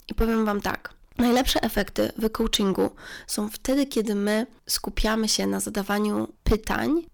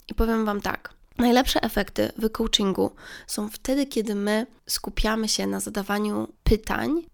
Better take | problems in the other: second | distortion; slight; 4% of the sound clipped

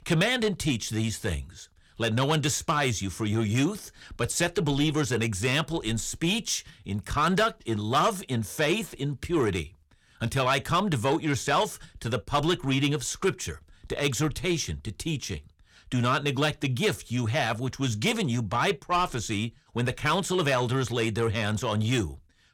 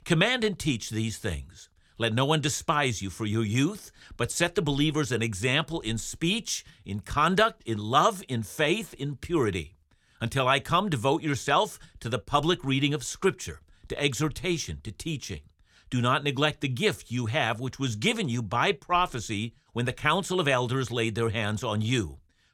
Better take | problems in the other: second | distortion; slight; 10 dB below the speech

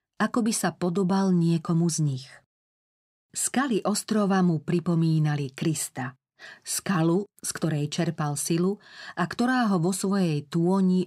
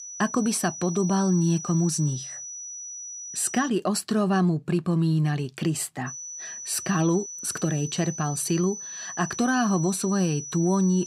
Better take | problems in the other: first | high-pitched whine; loud; until 3.5 s and from 6 s on; 6 kHz, 9 dB below the speech

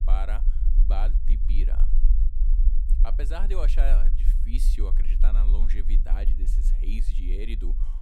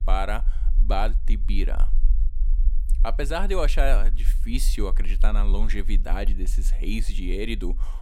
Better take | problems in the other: second | low rumble; loud; throughout; 9 dB below the speech; faint in the second

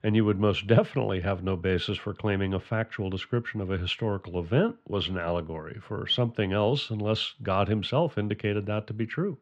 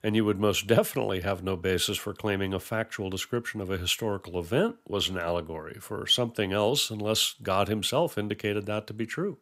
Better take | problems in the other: second | muffled; slightly; fading above 3 kHz

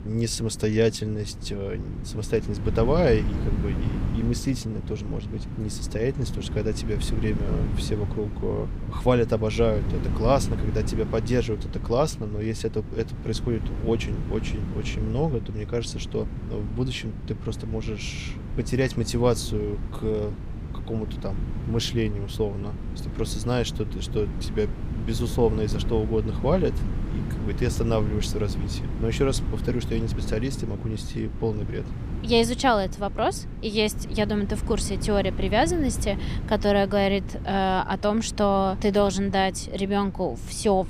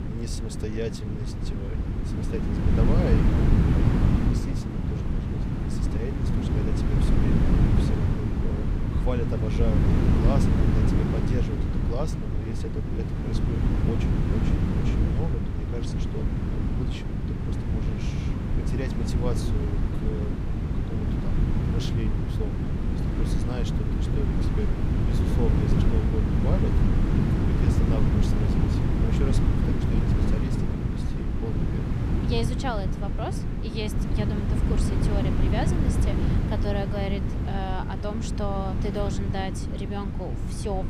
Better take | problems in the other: first | wind noise on the microphone; heavy; 2 dB above the speech; occasional gusts in the first

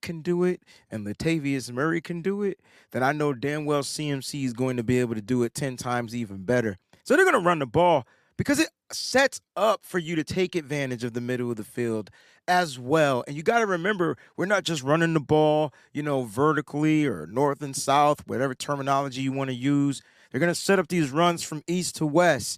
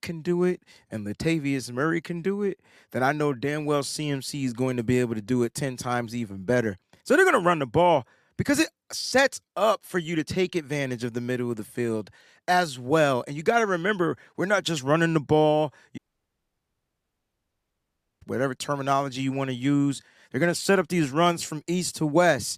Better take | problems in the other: first | audio cutting out; at 16 s for 2 s

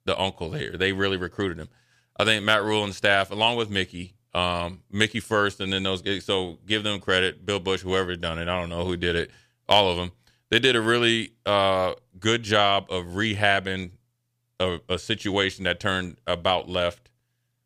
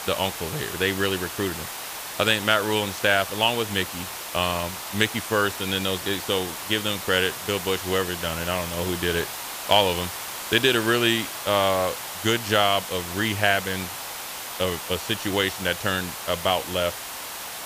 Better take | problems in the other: first | hiss; loud; throughout; 8 dB below the speech

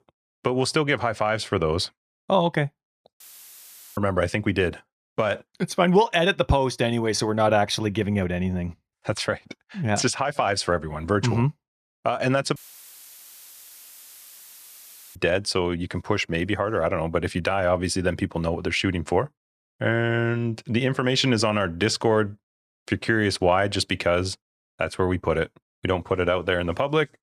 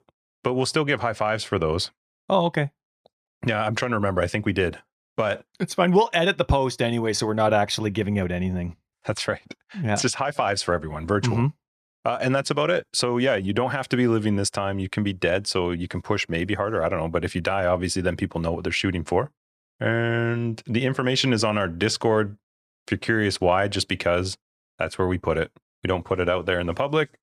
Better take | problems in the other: second | audio cutting out; filled with static; at 3 s for 1 s and at 13 s for 2.5 s

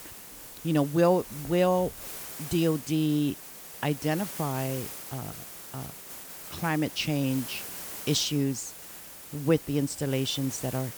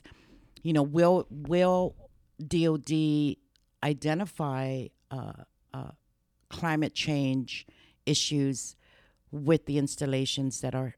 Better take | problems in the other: second | hiss; noticeable; throughout; 10 dB below the speech

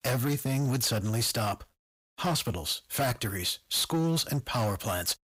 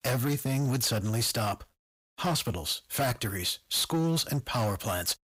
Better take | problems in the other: neither | distortion; slight; 13% of the sound clipped; the same in both

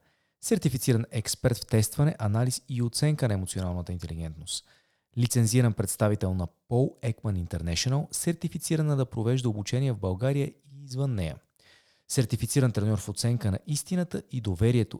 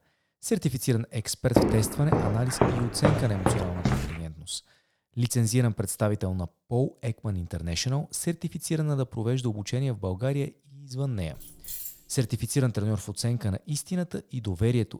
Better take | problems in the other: first | footsteps; loud; from 1.5 to 4 s; peak 5 dB above the speech // jangling keys; noticeable; at 11 s; peak 6 dB below the speech

